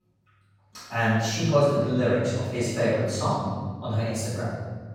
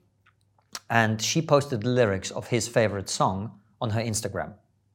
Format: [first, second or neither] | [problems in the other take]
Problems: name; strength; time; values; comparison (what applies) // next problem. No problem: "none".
second | room echo; strong; dies away in 1.7 s // off-mic speech; far